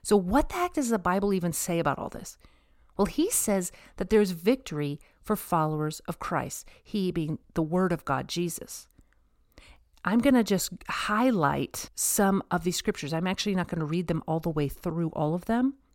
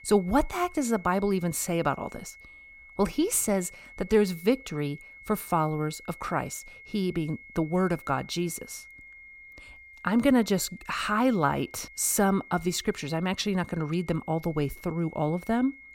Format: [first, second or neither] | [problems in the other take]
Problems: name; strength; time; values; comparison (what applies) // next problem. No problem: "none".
first | high-pitched whine; noticeable; throughout; 2 kHz, 20 dB below the speech